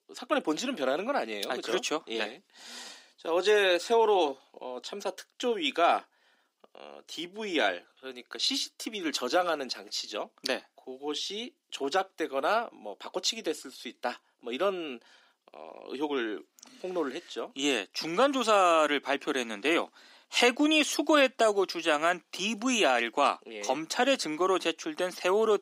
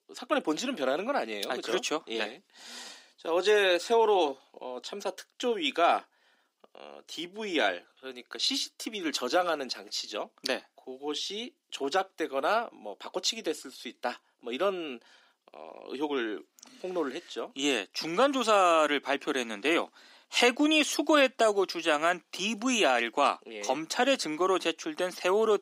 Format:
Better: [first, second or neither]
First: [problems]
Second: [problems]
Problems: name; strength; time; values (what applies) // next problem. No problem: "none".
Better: neither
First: thin; somewhat; fading below 300 Hz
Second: thin; somewhat; fading below 300 Hz